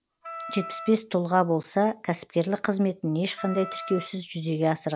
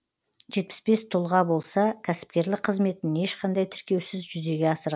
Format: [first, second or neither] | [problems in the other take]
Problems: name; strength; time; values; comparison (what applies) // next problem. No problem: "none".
second | background sound (Wind instrument, woodwind instrument); 13 dB below the speech